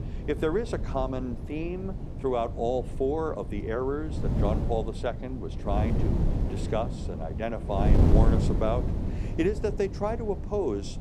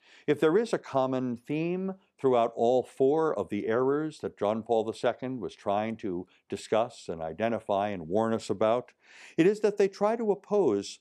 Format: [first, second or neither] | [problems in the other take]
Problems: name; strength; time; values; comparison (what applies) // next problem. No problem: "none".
second | wind noise on the microphone; heavy; 8 dB below the speech